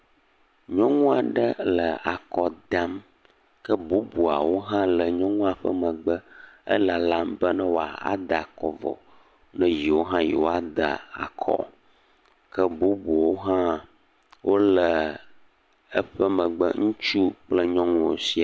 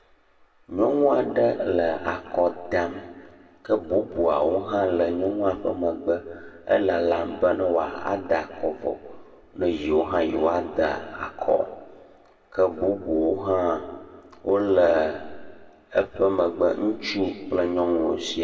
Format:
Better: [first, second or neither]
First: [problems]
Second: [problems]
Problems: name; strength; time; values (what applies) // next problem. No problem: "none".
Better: first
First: none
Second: room echo; dies away in 1.1 s